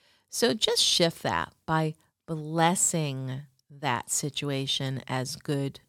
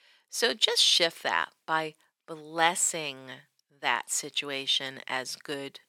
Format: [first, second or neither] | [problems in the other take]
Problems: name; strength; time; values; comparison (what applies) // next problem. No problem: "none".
first | thin; somewhat; fading below 400 Hz